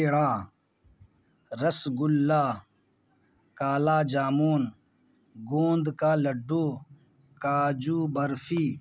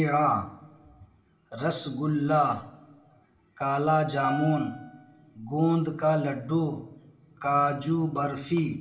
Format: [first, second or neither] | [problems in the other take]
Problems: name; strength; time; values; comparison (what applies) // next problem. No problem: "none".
first | background sound (Piano); 10 dB below the speech // room echo; dies away in 0.8 s